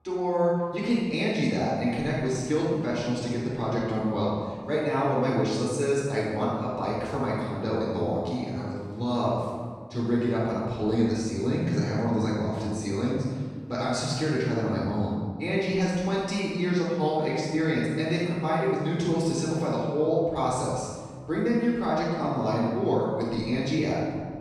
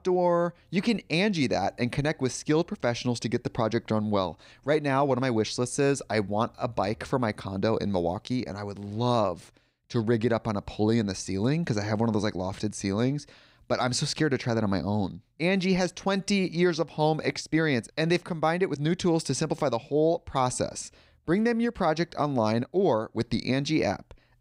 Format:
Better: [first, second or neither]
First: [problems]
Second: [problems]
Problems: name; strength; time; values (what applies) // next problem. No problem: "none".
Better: second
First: off-mic speech; far // room echo; strong; dies away in 1.6 s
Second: none